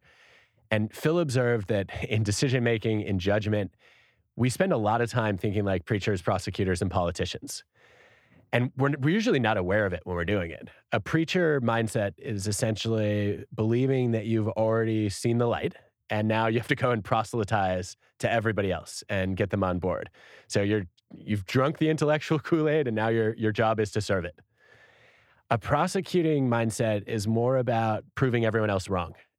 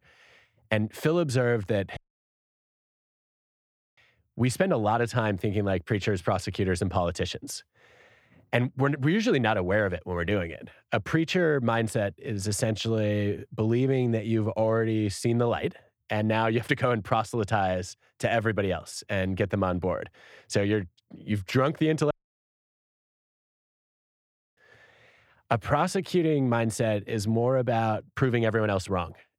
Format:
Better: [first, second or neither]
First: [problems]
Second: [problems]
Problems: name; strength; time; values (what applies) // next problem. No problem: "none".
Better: first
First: none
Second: audio cutting out; at 2 s for 2 s and at 22 s for 2.5 s